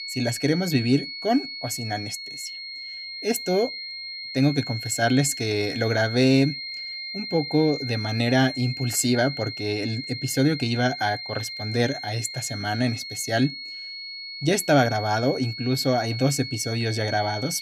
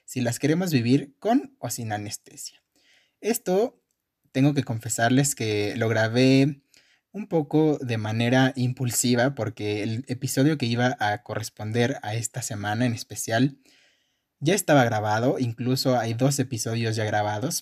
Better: second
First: high-pitched whine; loud; throughout; 4 kHz, 8 dB below the speech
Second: none

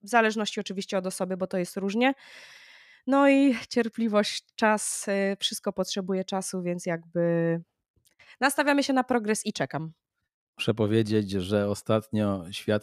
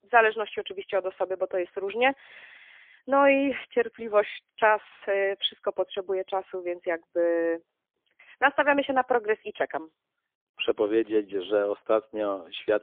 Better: first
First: none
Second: phone-call audio; poor line; nothing above 3.5 kHz

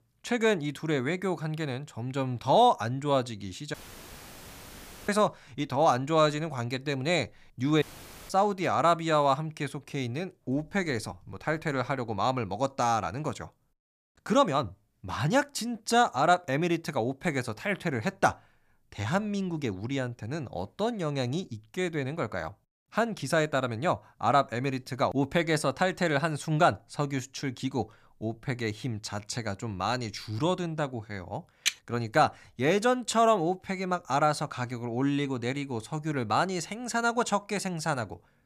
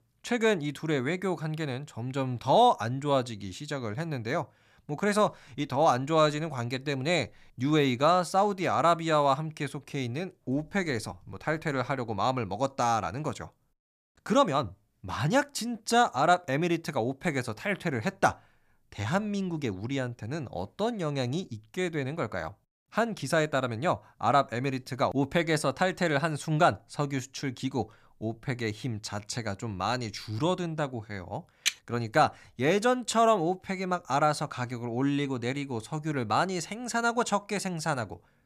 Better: second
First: audio cutting out; filled with static; at 3.5 s for 1.5 s and at 8 s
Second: none

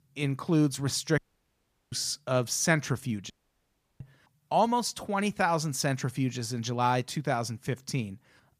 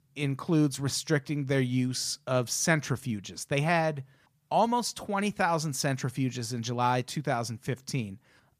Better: second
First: audio cutting out; at 1 s for 0.5 s and at 3.5 s for 0.5 s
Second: none

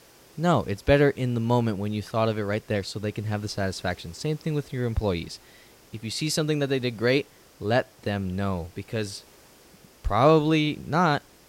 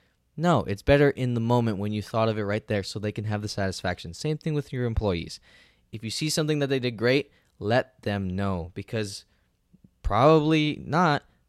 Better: second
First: hiss; faint; throughout; 25 dB below the speech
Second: none

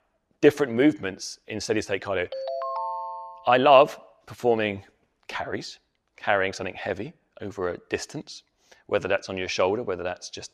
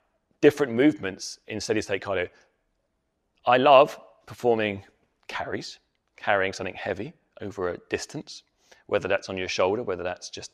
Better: second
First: phone ringing; noticeable; from 2.5 to 3.5 s; peak 5 dB below the speech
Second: none

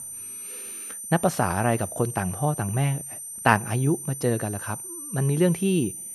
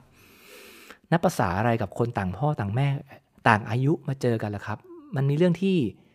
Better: second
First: high-pitched whine; loud; throughout; 9 kHz, 9 dB below the speech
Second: none

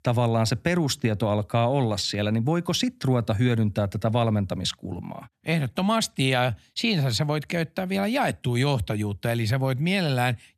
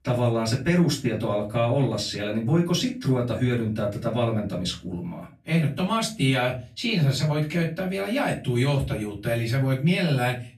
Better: first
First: none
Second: off-mic speech; far // room echo; slight; dies away in 0.3 s

